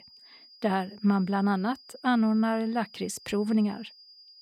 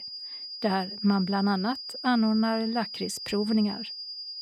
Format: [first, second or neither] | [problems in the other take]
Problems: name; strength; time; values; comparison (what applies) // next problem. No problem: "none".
first | high-pitched whine; loud; throughout; 5 kHz, 8 dB below the speech; faint in the first